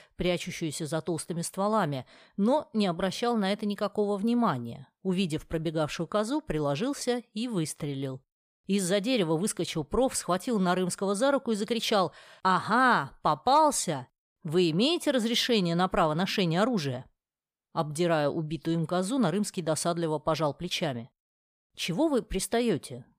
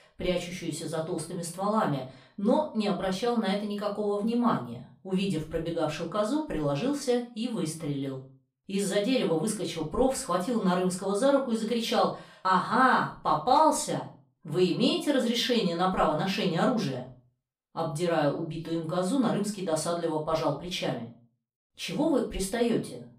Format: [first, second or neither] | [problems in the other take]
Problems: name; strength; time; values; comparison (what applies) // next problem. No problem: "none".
first | off-mic speech; far // room echo; slight; dies away in 0.3 s